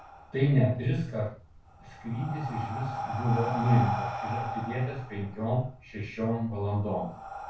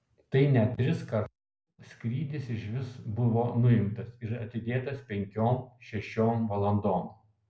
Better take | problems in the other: second | background sound (Breathing); 8 dB below the speech // room echo; dies away in 0.3 s

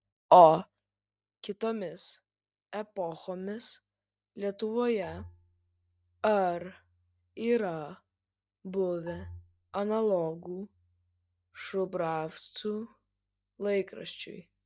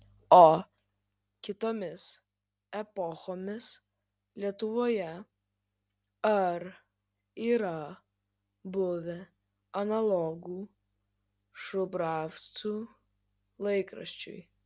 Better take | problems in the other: second | noise reduction (neural mask model DeepFilterNet 3)

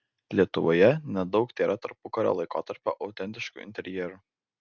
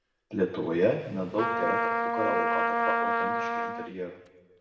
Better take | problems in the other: first | background sound (Trumpet); 2 dB above the speech // room echo; dies away in 1.2 s

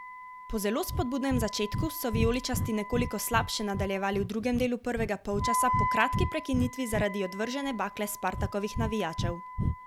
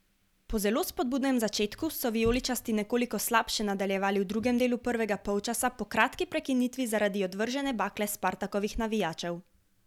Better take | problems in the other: second | background sound (Breathing + Wind instrument, woodwind instrument); 3 dB below the speech

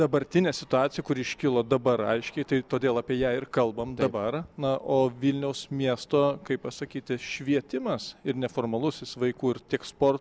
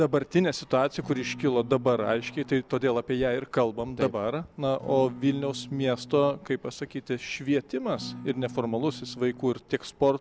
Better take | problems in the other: first | background sound (Acoustic guitar / Strum); 14 dB below the speech

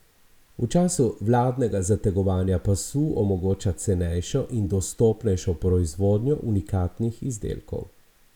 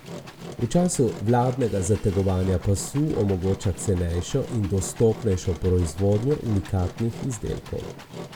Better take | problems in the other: first | background sound (Engine); 15 dB below the speech

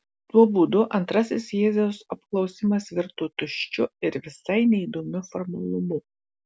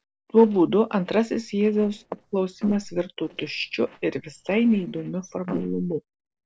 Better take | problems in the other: first | noise reduction (neural separator model SepFormer DNS4)

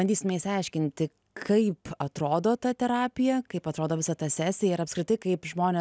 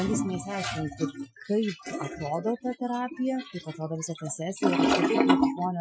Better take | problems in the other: first | noise reduction (classical method Wiener filter)

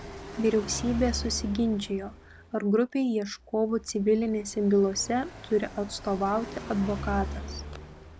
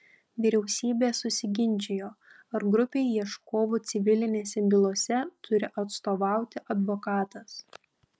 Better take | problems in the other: second | background sound (Car passing by); 11 dB below the speech

